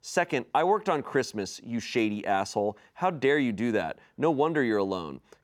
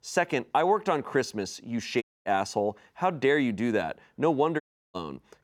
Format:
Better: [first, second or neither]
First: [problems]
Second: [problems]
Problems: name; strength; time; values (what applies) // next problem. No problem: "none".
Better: first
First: none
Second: audio cutting out; at 2 s and at 4.5 s